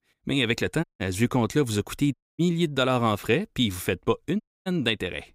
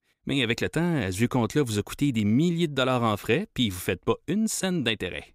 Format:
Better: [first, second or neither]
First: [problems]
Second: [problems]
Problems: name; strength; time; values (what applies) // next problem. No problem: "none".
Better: second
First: audio cutting out; at 1 s, at 2 s and at 4.5 s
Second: none